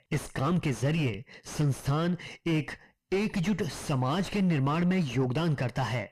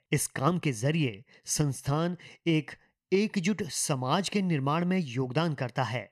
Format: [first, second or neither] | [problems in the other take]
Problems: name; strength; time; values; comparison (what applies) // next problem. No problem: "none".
second | distortion; heavy; 4 dB below the speech